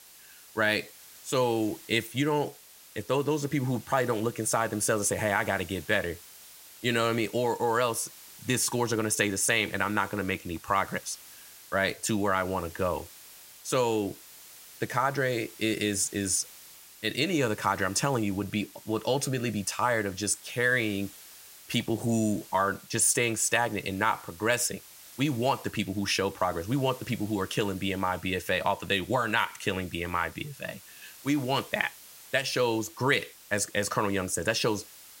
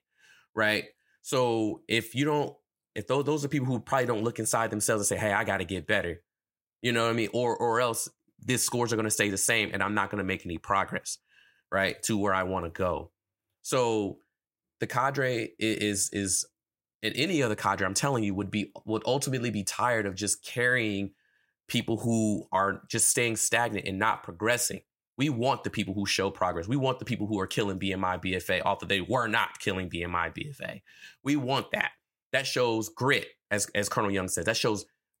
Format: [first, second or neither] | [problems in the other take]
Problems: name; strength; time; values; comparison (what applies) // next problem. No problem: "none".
second | hiss; noticeable; throughout; 20 dB below the speech